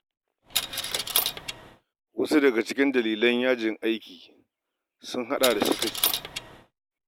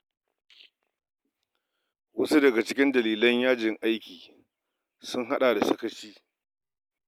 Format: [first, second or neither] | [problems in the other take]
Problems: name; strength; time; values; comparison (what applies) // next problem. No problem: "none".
second | background sound (Coin (dropping)); 2 dB below the speech